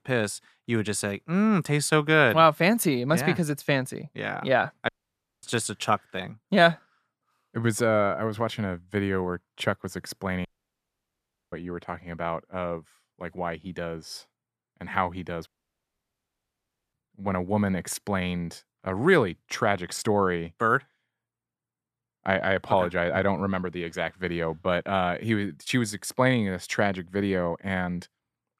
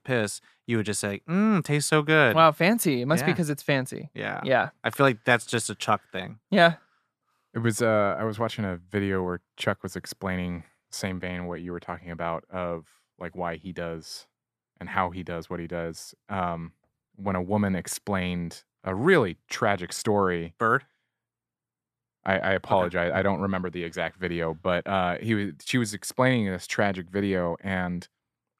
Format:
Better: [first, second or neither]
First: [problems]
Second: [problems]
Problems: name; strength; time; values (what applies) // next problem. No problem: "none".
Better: second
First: audio cutting out; at 5 s for 0.5 s, at 10 s for 1 s and at 15 s for 1.5 s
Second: none